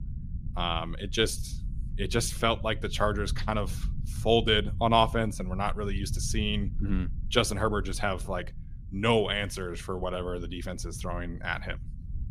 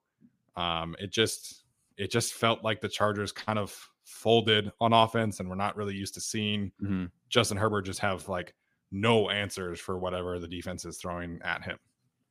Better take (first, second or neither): second